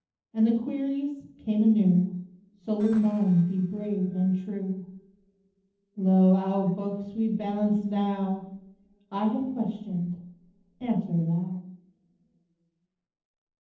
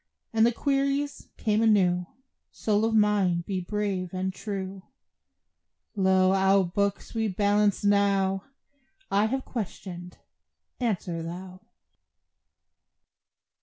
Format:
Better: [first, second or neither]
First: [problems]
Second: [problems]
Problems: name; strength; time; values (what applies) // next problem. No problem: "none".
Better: second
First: noise reduction (neural separator model SepFormer DNS4)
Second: none